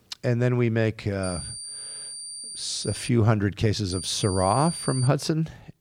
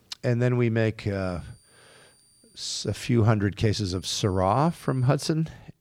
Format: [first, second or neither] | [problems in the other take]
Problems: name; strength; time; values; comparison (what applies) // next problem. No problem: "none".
second | high-pitched whine; loud; from 1 to 3 s and from 4 to 5 s; 9 kHz, 9 dB below the speech; faint in the second